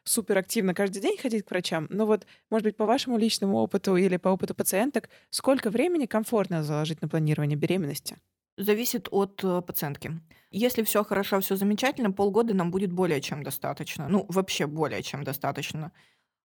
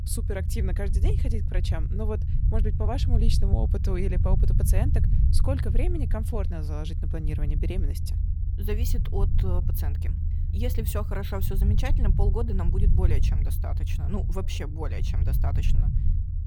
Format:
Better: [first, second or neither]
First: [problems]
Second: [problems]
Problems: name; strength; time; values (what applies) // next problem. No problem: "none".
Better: first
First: none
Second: low rumble; loud; throughout; 6 dB below the speech